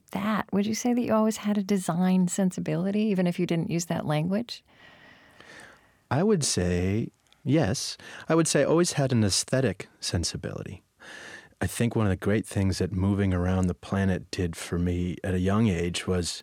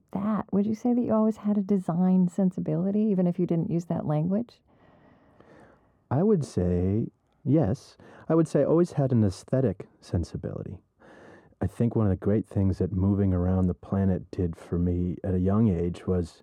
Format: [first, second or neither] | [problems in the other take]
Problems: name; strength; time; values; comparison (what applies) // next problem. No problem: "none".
first | muffled; very; fading above 1 kHz